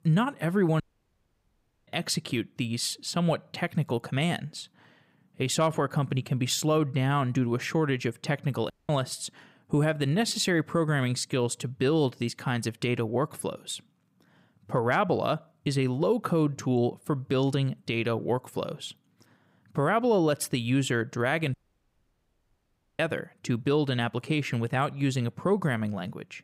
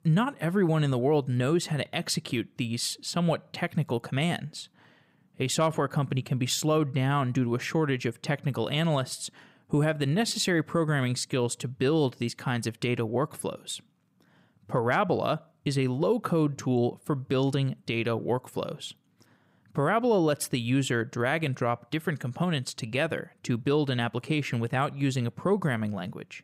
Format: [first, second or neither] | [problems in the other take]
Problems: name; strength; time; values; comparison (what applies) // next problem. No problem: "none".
second | audio cutting out; at 1 s for 1 s, at 8.5 s and at 22 s for 1.5 s